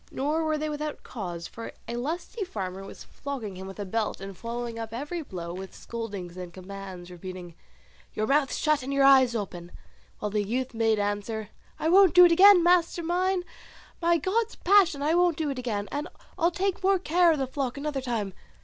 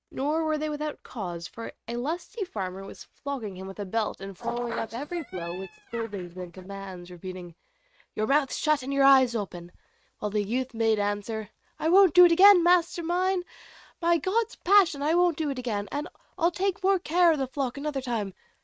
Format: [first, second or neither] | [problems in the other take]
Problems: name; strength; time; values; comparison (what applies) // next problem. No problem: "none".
first | noise reduction (neural mask model RNNoise)